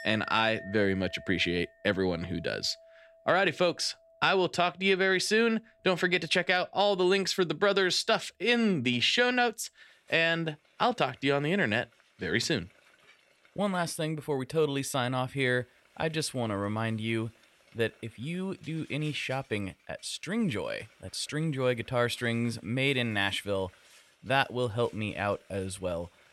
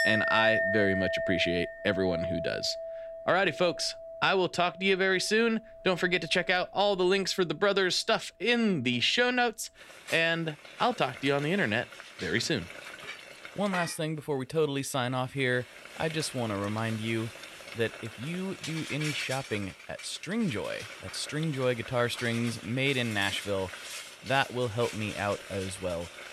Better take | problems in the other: first | household noises; loud; throughout; 8 dB below the speech; faint in the first

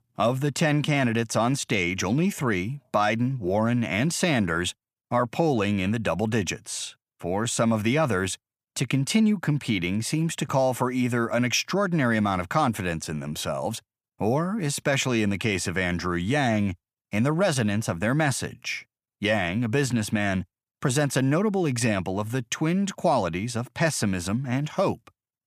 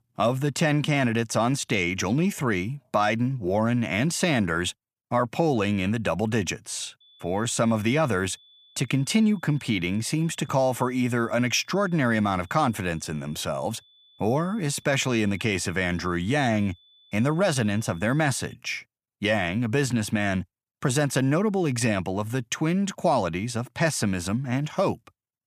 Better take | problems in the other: first | high-pitched whine; faint; from 7 to 19 s; 3.5 kHz, 30 dB below the speech

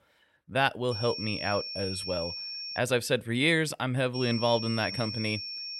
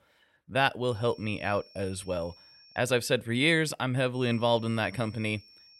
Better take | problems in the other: second | high-pitched whine; loud; from 1 to 3 s and from 4 s on; 5.5 kHz, 6 dB below the speech; faint in the second

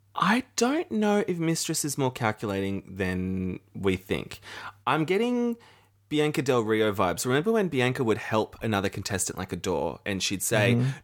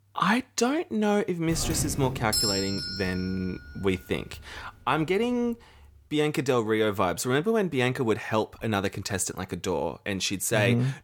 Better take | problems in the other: first | doorbell; loud; from 1.5 to 4.5 s; peak 3 dB above the speech

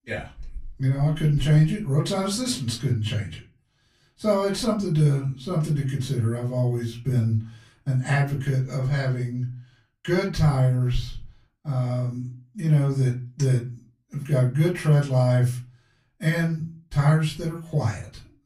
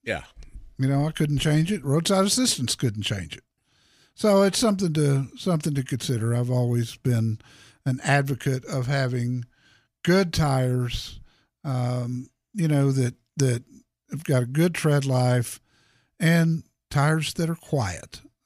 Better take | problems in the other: second | room echo; slight; dies away in 0.3 s // off-mic speech; far

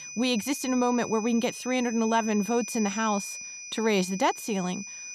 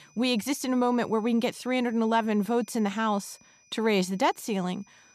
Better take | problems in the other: second | high-pitched whine; loud; throughout; 6 kHz, 10 dB below the speech; faint in the second

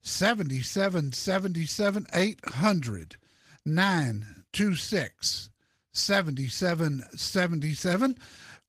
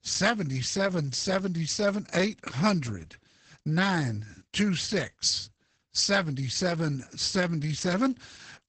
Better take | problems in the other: first | garbled, watery; badly; nothing above 8 kHz; slightly in the first

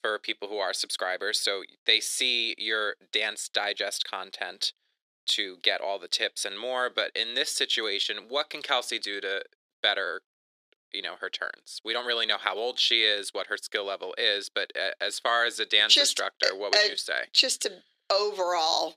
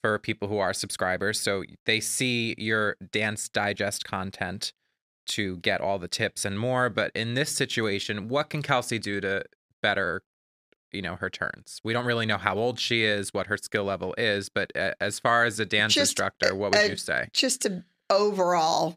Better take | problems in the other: second | thin; very; fading below 350 Hz

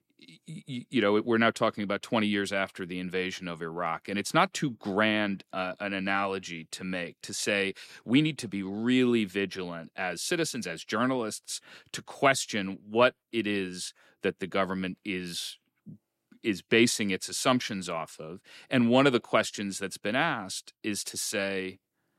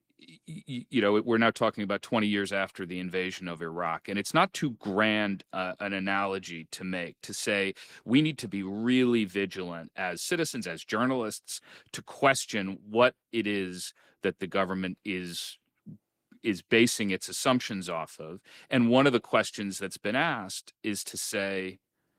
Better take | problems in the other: first | garbled, watery; slightly; nothing above 16 kHz

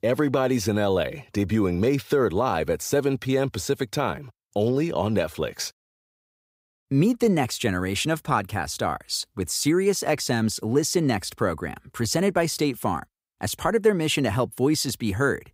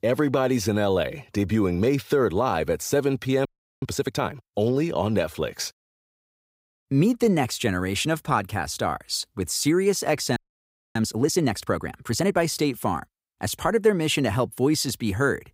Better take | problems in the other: first | audio freezing; at 3.5 s and at 10 s for 0.5 s

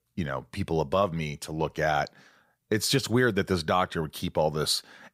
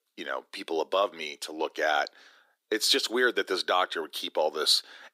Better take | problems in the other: first | thin; somewhat; fading below 300 Hz

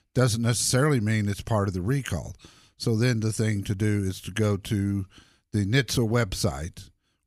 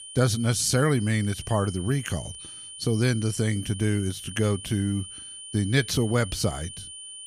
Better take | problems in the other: first | high-pitched whine; noticeable; throughout; 9.5 kHz, 15 dB below the speech

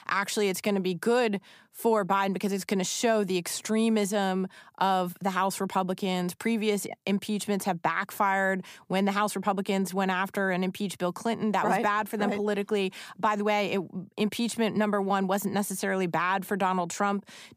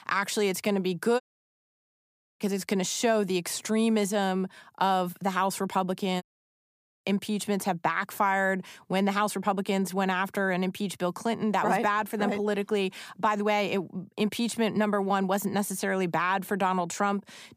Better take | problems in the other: first | audio cutting out; at 1 s for 1 s and at 6 s for 1 s

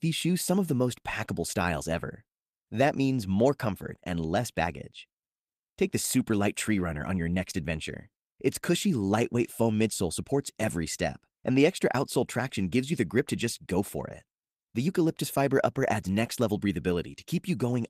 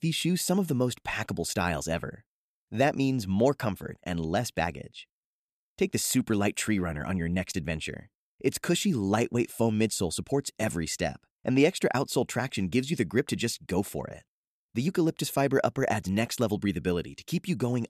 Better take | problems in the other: second | garbled, watery; slightly; nothing above 14.5 kHz

